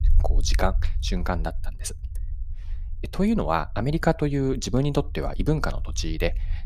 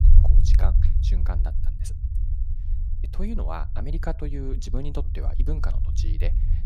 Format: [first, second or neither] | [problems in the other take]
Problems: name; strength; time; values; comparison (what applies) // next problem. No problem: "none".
first | low rumble; loud; throughout; 7 dB below the speech; faint in the first